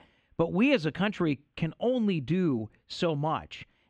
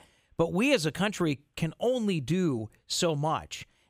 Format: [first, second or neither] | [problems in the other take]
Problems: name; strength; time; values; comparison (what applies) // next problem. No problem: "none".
second | muffled; slightly; fading above 2.5 kHz